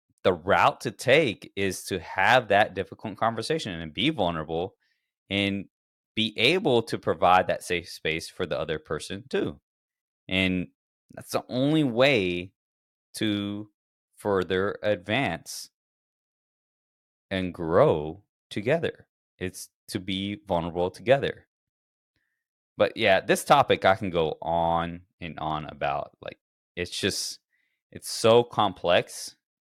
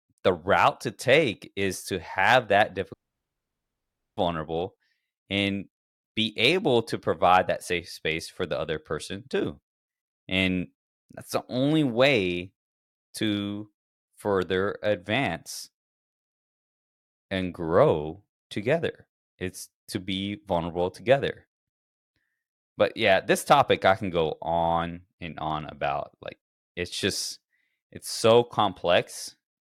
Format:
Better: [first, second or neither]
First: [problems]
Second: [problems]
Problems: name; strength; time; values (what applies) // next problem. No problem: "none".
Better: first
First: none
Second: audio cutting out; at 3 s for 1 s